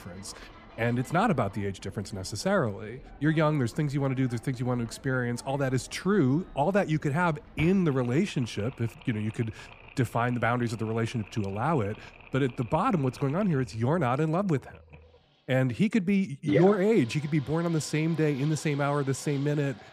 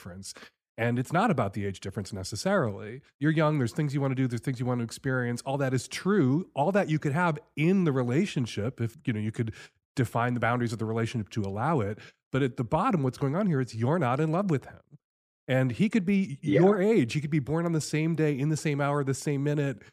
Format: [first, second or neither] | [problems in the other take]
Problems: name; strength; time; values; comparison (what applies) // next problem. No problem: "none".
second | machinery noise; faint; throughout; 20 dB below the speech